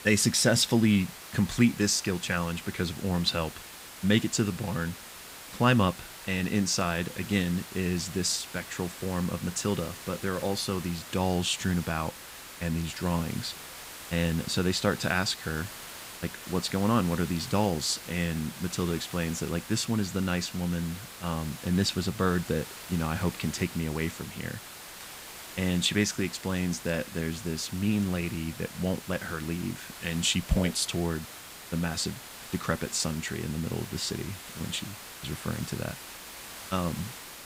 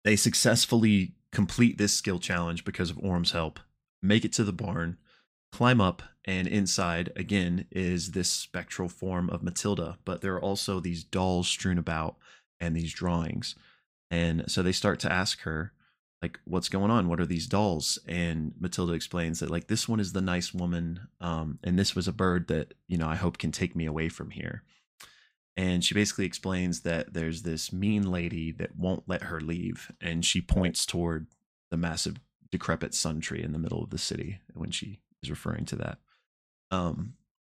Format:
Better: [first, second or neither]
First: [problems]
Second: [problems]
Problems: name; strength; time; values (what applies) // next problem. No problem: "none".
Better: second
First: hiss; noticeable; throughout; 10 dB below the speech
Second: none